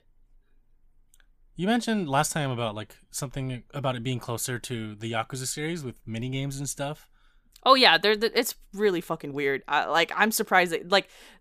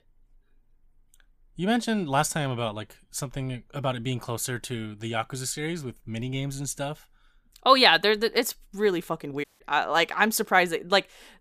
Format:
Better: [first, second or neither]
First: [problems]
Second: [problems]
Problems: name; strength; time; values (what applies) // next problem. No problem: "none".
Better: first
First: none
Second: audio cutting out; at 9.5 s